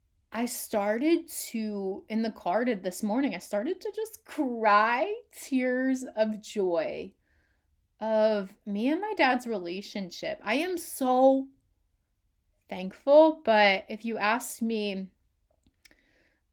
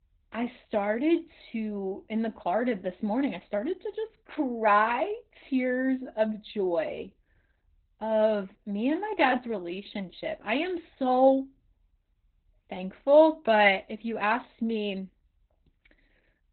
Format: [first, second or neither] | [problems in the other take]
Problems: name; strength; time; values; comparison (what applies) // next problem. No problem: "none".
first | garbled, watery; badly; nothing above 4 kHz; slightly in the first